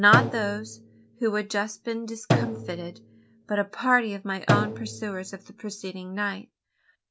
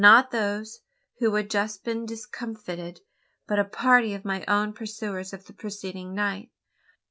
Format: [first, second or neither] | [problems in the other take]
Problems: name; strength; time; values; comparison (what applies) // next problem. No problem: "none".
second | background sound (Drum); 3 dB below the speech